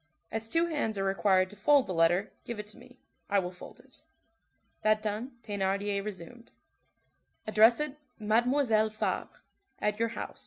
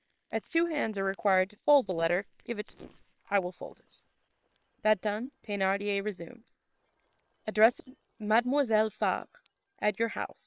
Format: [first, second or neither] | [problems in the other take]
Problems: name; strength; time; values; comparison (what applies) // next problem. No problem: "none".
first | noise reduction (neural separator model SepFormer WHAM!)